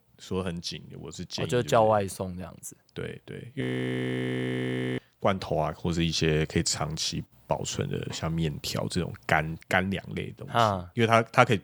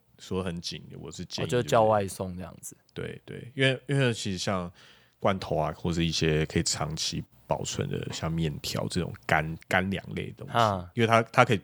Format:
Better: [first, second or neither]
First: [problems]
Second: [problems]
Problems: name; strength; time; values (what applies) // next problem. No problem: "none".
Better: second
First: audio freezing; at 3.5 s for 1.5 s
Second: none